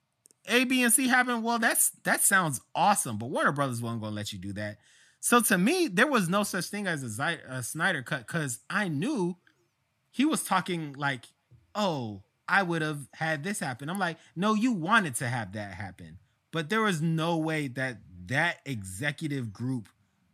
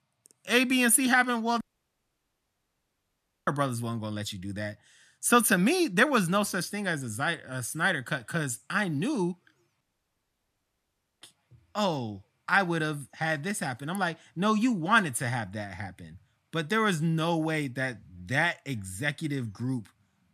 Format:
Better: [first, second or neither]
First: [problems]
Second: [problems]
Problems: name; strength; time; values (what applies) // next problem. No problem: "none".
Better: first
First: none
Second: audio cutting out; at 1.5 s for 2 s and at 10 s for 1.5 s